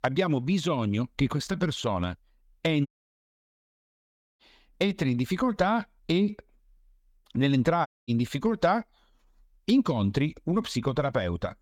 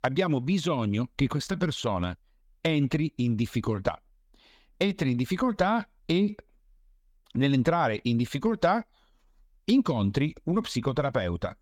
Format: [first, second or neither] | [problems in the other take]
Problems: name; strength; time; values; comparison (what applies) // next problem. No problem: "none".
second | audio cutting out; at 3 s for 1.5 s and at 8 s